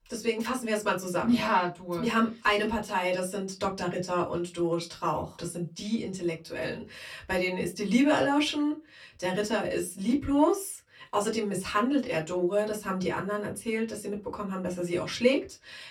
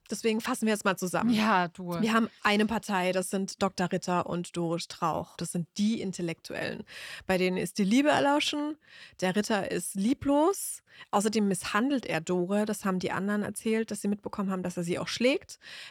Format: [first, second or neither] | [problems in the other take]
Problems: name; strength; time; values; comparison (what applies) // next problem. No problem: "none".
second | off-mic speech; far // room echo; very slight; dies away in 0.2 s